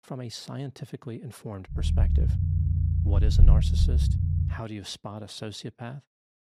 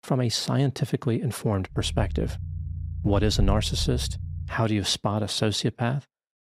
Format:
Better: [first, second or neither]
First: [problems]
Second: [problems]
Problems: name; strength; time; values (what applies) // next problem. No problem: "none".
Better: second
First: low rumble; loud; from 2 to 4.5 s; as loud as the speech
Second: low rumble; faint; from 2 to 4.5 s; 20 dB below the speech